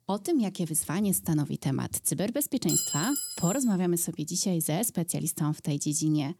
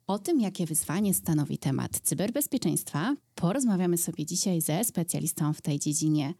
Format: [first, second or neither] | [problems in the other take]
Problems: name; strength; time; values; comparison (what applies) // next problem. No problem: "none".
second | clattering dishes; loud; at 2.5 s; peak 1 dB above the speech